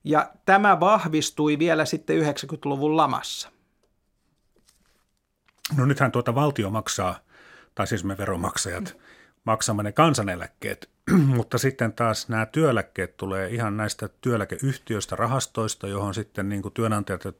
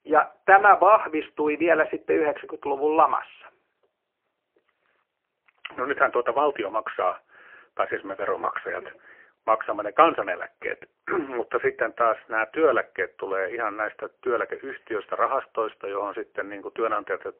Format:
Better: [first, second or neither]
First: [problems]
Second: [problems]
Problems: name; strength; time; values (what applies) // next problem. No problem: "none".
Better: first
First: none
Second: phone-call audio; poor line; nothing above 3 kHz